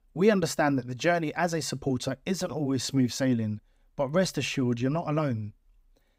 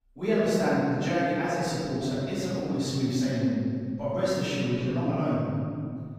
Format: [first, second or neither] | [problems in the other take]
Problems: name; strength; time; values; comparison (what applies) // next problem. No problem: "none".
first | room echo; strong; dies away in 2.2 s // off-mic speech; far